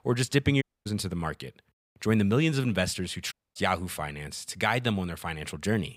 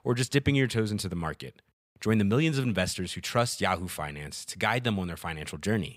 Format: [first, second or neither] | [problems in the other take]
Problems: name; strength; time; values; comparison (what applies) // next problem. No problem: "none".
second | audio cutting out; at 0.5 s and at 3.5 s